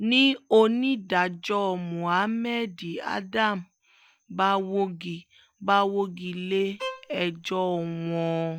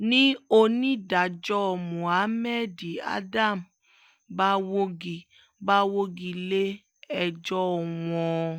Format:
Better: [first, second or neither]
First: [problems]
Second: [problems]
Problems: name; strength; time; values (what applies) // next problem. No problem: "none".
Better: second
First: background sound (Bowed string instrument); 14 dB below the speech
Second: none